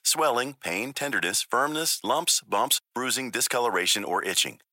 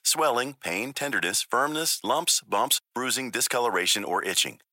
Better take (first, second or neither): neither